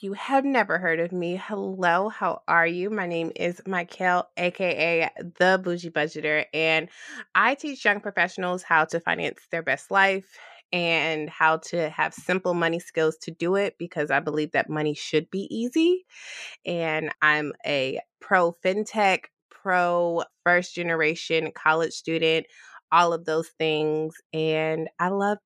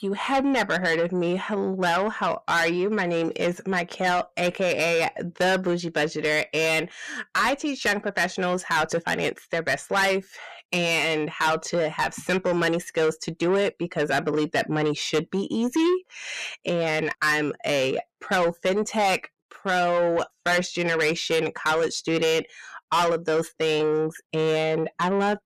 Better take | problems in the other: first | distortion; heavy; 7 dB below the speech

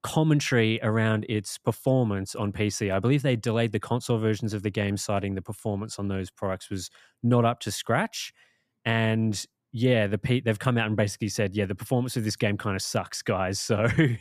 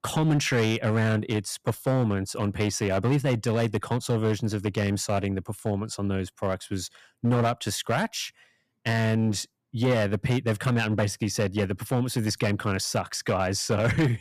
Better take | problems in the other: first | distortion; slight; 7% of the sound clipped

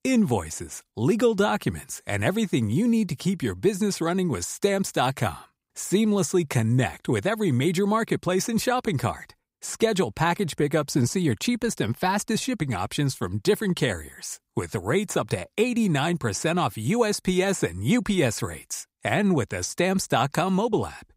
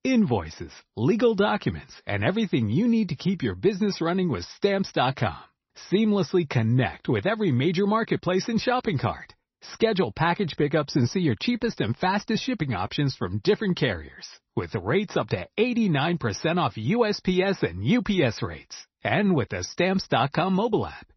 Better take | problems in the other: first | garbled, watery; slightly; nothing above 6 kHz

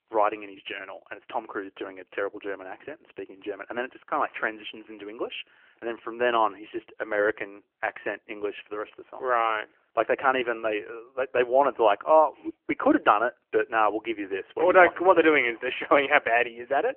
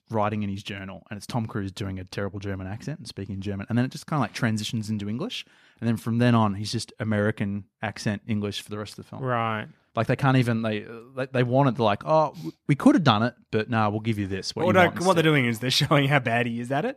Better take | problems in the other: second | phone-call audio; nothing above 3 kHz

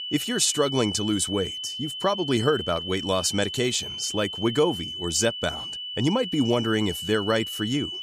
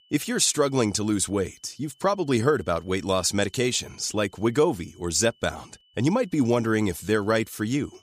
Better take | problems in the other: second | high-pitched whine; loud; throughout; 3 kHz, 6 dB below the speech; faint in the second

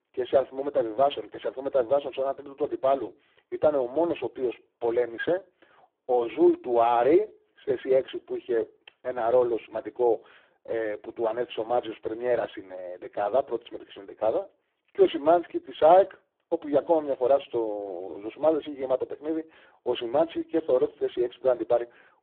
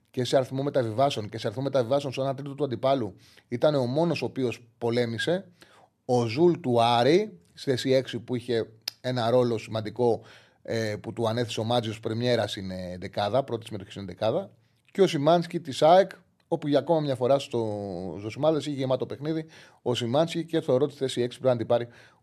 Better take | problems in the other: second | phone-call audio; poor line

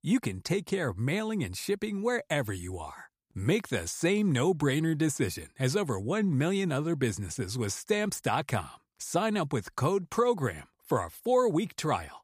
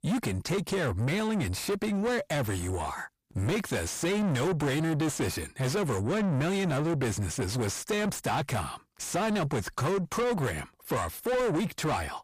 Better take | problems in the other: first | distortion; heavy; 6 dB below the speech

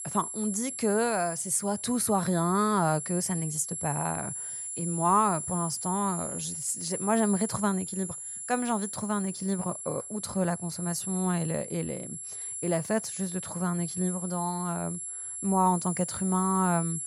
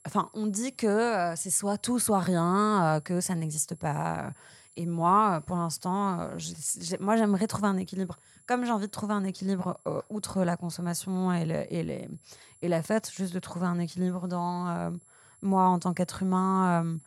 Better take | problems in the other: second | high-pitched whine; loud; throughout; 10.5 kHz, 5 dB below the speech; faint in the second

